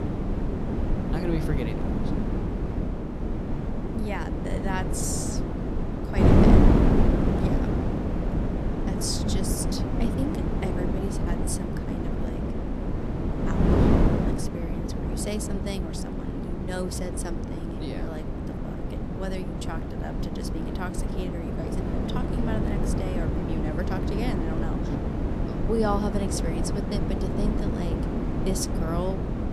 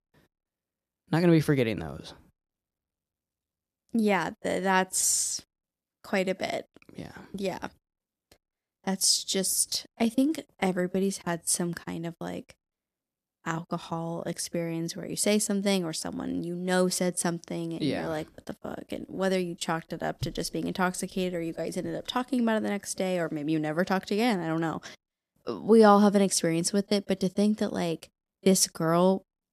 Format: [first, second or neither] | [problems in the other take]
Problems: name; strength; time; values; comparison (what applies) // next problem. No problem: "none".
second | wind noise on the microphone; heavy; 3 dB above the speech